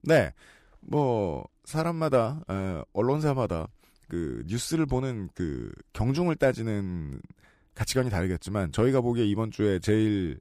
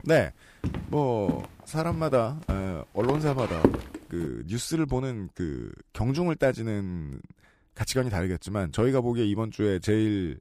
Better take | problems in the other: first | footsteps; loud; from 0.5 to 4 s; peak 3 dB above the speech

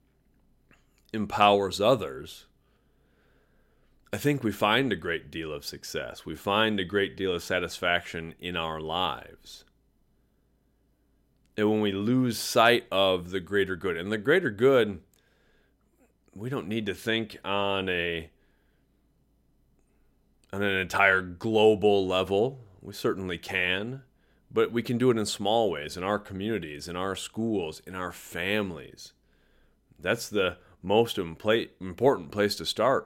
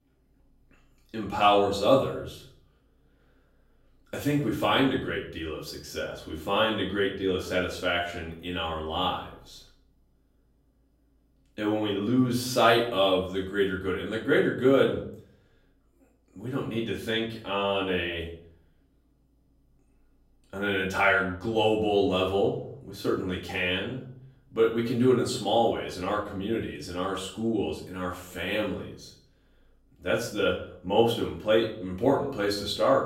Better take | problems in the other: first | room echo; slight; dies away in 0.5 s // off-mic speech; far

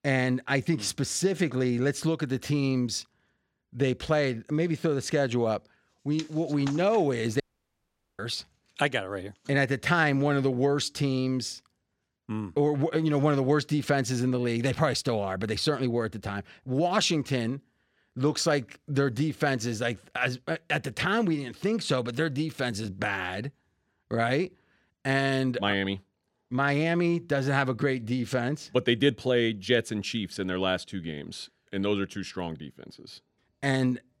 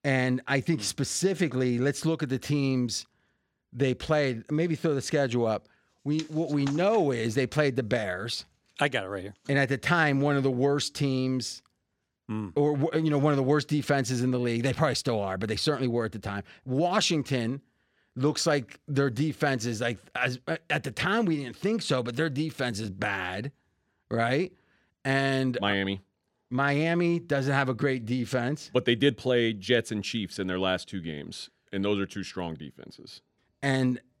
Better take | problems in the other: second | audio cutting out; at 7.5 s for 1 s

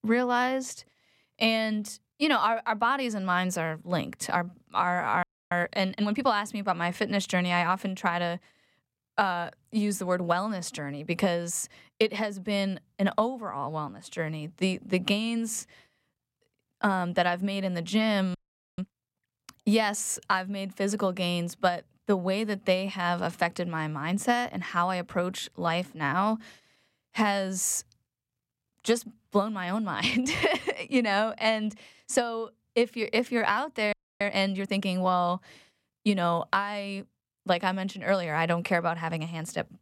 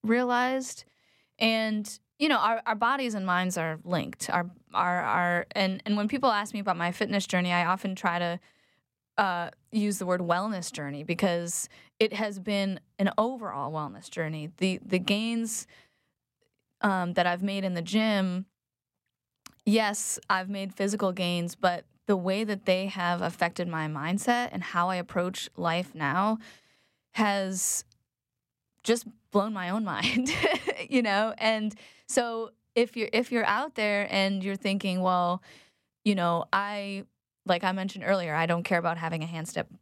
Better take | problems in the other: second | audio freezing; at 5 s, at 18 s and at 34 s

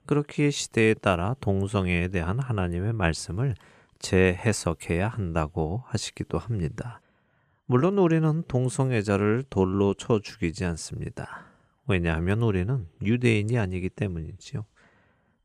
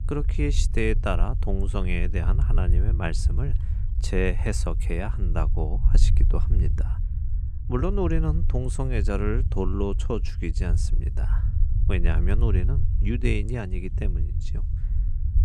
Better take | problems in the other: first | low rumble; noticeable; throughout; 10 dB below the speech

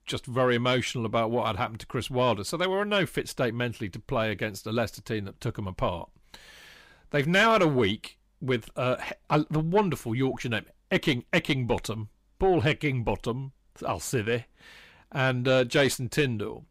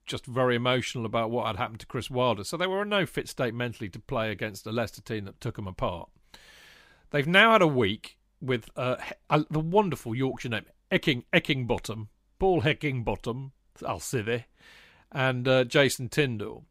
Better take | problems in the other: second | distortion; slight; 10 dB below the speech

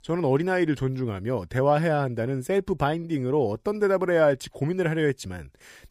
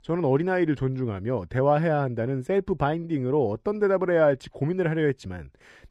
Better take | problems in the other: first | muffled; slightly; fading above 2 kHz

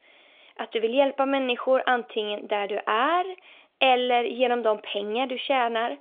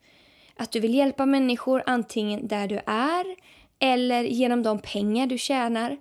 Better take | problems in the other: second | phone-call audio; nothing above 3.5 kHz

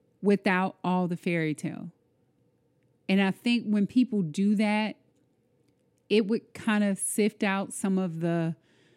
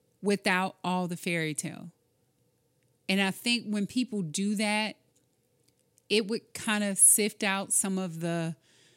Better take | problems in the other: second | muffled; slightly; fading above 3.5 kHz

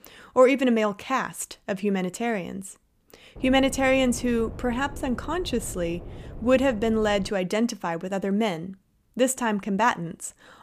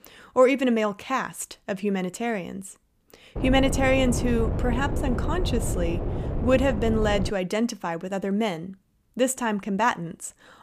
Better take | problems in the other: first | wind noise on the microphone; heavy; from 3.5 to 7.5 s; 10 dB below the speech; occasional gusts in the first

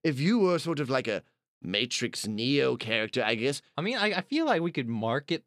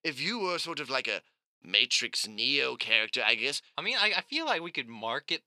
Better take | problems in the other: first | thin; somewhat; fading below 900 Hz

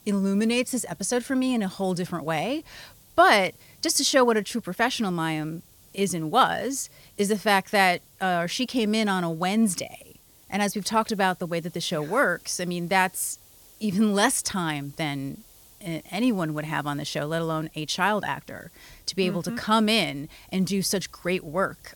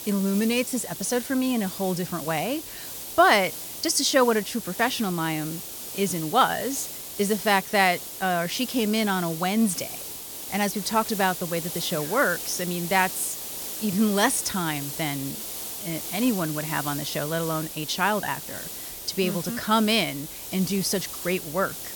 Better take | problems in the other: first | hiss; loud; throughout; 8 dB below the speech; faint in the first

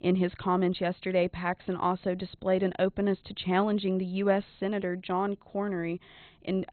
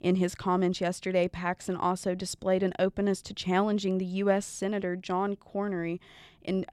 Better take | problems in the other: second | garbled, watery; badly; nothing above 4 kHz

